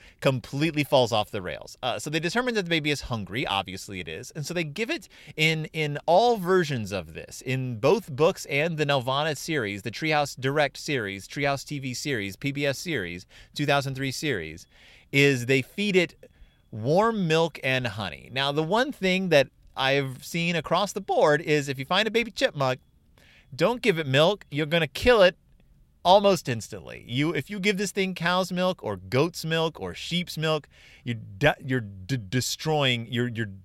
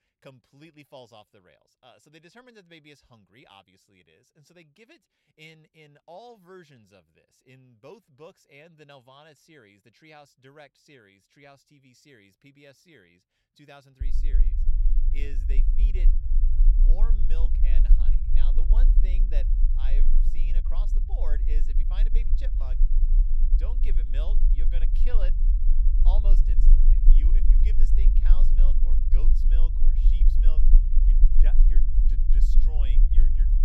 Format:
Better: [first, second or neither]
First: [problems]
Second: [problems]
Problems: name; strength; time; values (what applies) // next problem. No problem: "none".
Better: first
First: none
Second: low rumble; loud; from 14 s on; 2 dB below the speech